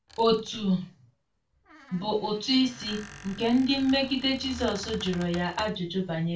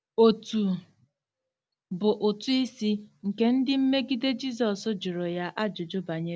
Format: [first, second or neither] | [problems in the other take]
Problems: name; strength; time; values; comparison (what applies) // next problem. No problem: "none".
second | background sound (Squeak); 18 dB below the speech // room echo; dies away in 0.3 s